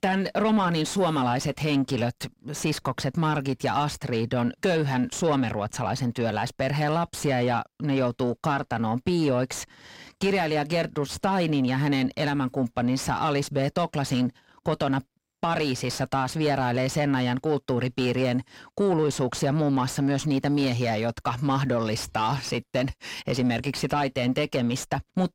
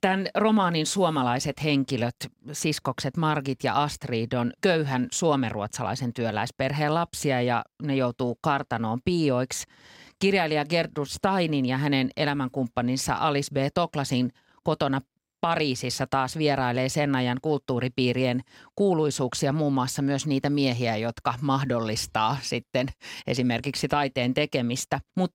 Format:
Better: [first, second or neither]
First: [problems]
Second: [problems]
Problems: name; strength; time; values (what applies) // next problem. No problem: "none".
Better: second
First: distortion; slight; 10 dB below the speech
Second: none